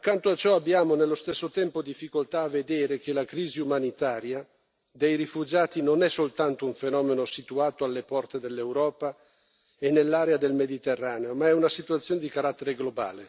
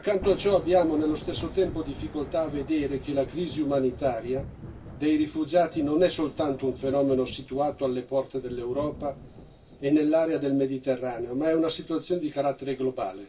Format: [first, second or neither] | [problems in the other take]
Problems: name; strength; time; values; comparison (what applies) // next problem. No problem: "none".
first | background sound (Thunder / Rain); 16 dB below the speech // room echo; dies away in 0.1 s